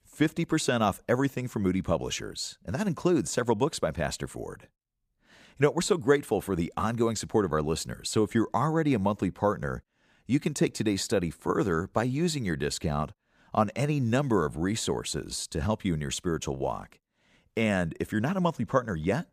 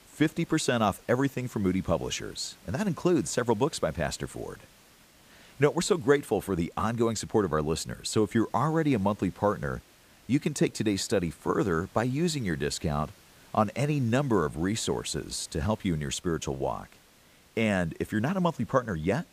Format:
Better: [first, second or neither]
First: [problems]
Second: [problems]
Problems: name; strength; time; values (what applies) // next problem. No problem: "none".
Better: first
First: none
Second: hiss; faint; throughout; 25 dB below the speech